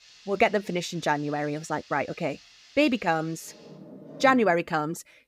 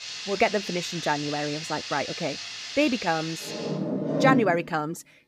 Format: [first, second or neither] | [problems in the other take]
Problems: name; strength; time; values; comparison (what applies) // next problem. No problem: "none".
first | household noises; loud; throughout; 4 dB below the speech; faint in the first